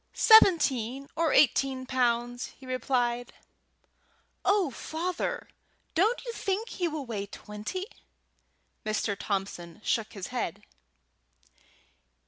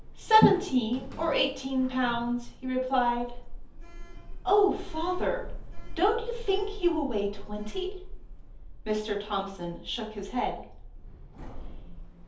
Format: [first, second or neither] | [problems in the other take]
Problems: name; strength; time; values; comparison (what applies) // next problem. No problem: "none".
first | background sound (Sliding door); 9 dB below the speech // room echo; dies away in 0.5 s